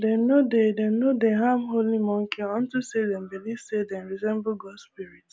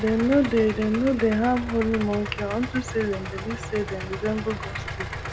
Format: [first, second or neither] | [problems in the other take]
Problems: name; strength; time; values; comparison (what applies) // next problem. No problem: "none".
first | background sound (Idling); 8 dB below the speech